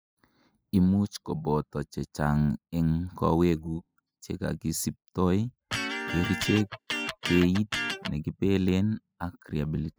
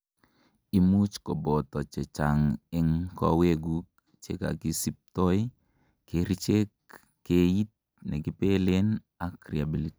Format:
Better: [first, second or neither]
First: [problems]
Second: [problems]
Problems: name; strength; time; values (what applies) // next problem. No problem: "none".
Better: second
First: noise reduction (classical method spectral subtraction)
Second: none